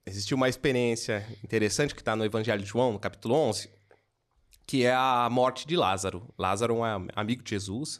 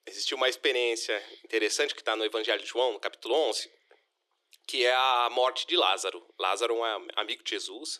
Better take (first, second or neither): first